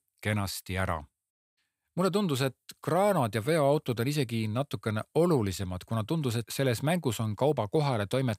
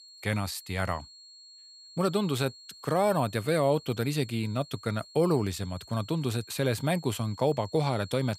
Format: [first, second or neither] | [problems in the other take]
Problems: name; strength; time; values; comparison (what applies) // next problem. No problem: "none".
first | high-pitched whine; noticeable; throughout; 4.5 kHz, 20 dB below the speech